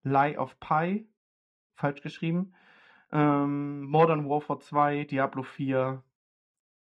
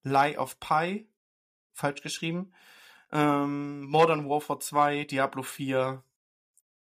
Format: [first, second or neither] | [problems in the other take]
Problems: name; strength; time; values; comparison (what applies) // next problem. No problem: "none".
second | muffled; very; fading above 2 kHz